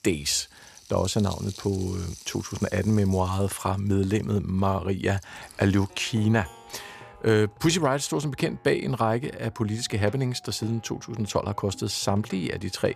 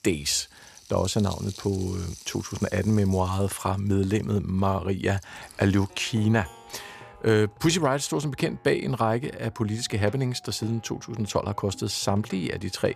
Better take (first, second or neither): neither